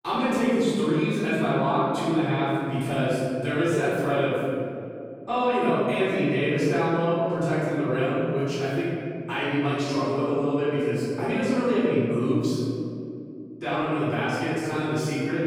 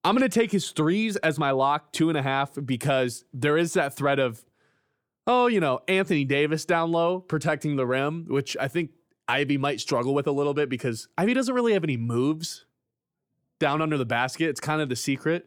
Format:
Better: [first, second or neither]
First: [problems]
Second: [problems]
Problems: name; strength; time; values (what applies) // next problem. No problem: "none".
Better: second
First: off-mic speech; far // room echo; strong; dies away in 2.8 s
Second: none